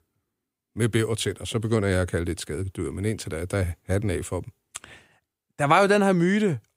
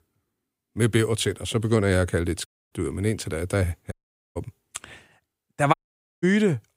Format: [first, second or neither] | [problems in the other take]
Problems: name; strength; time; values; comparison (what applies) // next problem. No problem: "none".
first | audio cutting out; at 2.5 s, at 4 s and at 5.5 s